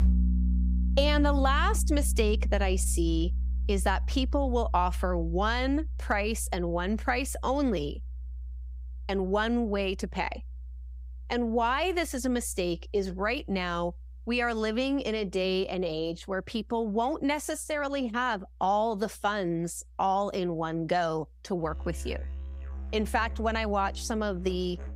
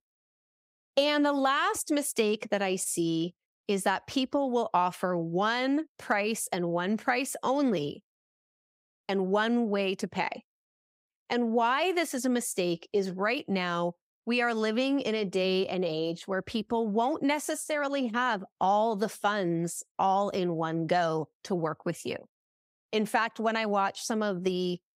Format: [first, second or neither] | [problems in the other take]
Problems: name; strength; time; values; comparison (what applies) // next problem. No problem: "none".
second | background music; loud; throughout; 5 dB below the speech